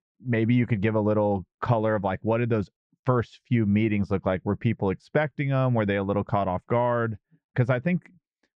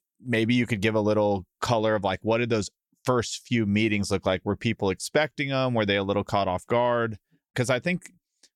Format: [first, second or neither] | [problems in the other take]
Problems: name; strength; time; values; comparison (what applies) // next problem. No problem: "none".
second | muffled; very; fading above 1.5 kHz